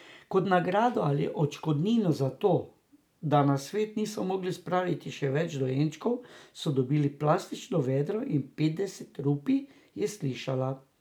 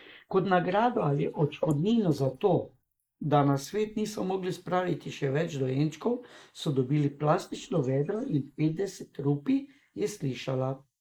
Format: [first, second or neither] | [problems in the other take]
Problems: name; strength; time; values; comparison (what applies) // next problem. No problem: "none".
first | noise reduction (neural mask model Resemble Enhance denoiser)